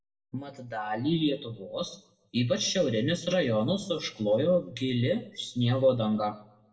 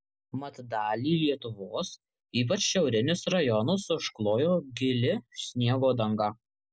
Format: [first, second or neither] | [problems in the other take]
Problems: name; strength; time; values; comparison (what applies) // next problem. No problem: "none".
second | room echo; dies away in 0.5 s